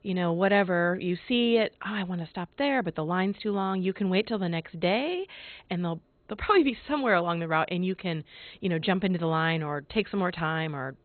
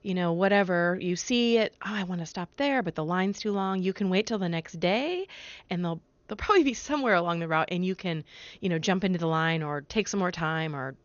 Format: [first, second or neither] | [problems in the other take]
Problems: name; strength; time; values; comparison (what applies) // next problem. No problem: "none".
second | garbled, watery; badly; nothing above 4 kHz; slightly in the second